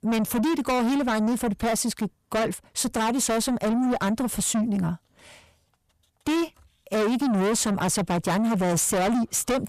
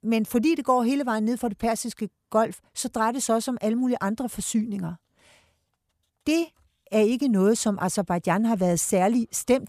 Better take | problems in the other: second | distortion; heavy; 6 dB below the speech

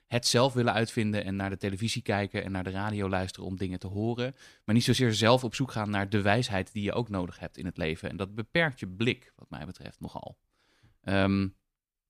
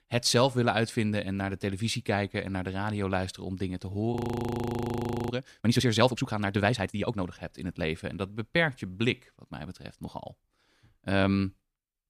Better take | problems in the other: first | audio freezing; at 4 s for 1 s

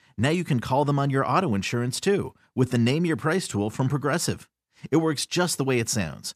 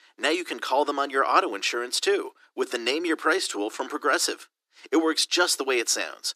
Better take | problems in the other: first | thin; very; fading below 300 Hz

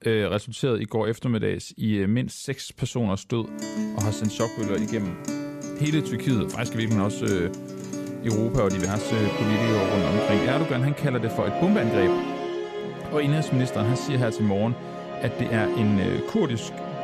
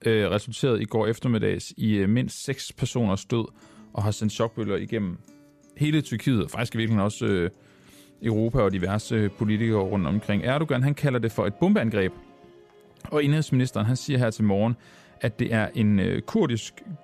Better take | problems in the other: second | background music; loud; from 3.5 s on; 4 dB below the speech; faint in the second

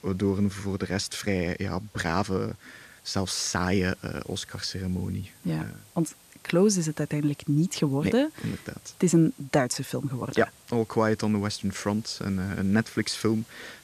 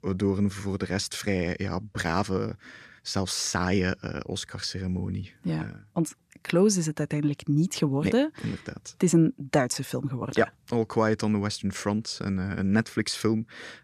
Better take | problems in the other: second | hiss; faint; throughout; 25 dB below the speech

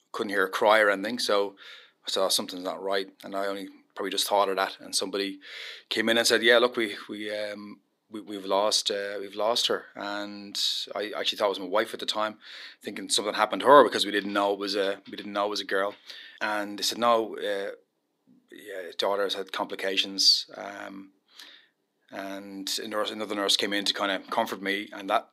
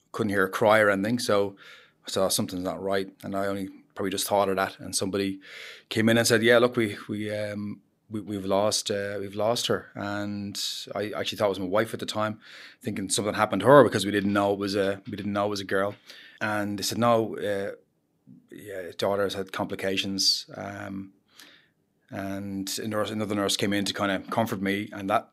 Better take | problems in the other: second | thin; very slightly; fading below 350 Hz

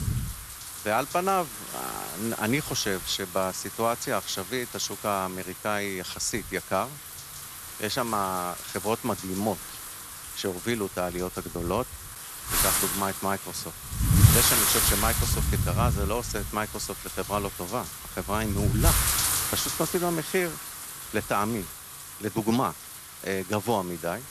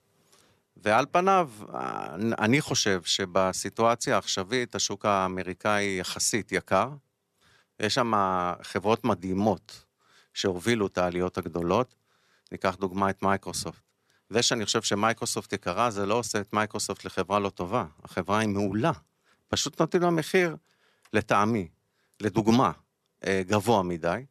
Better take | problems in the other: second | wind noise on the microphone; heavy; 3 dB below the speech

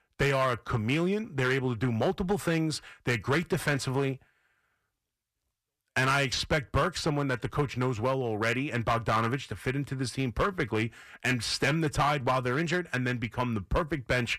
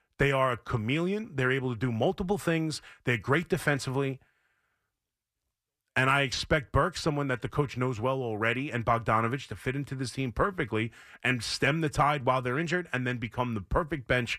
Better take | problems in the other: second | distortion; slight; 5% of the sound clipped

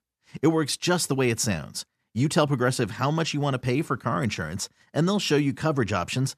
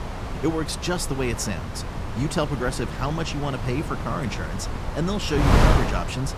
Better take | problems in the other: first | wind noise on the microphone; heavy; 2 dB below the speech

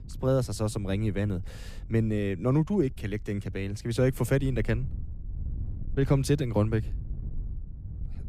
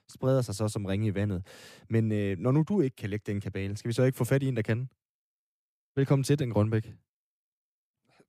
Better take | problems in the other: second | wind noise on the microphone; occasional gusts; 25 dB below the speech

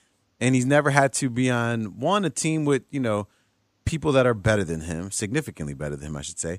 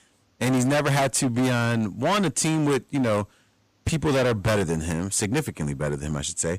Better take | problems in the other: first | distortion; heavy; 18% of the sound clipped

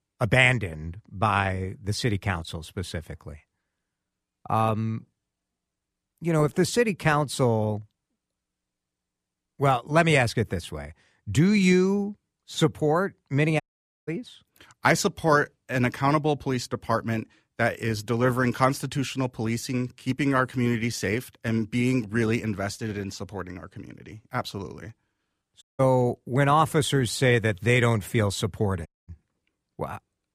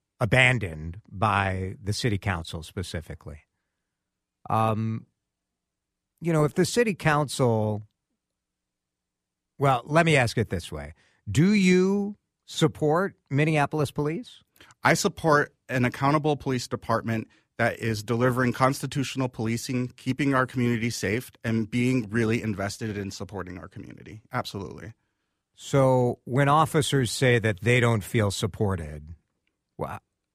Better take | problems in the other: second | audio cutting out; at 14 s, at 26 s and at 29 s

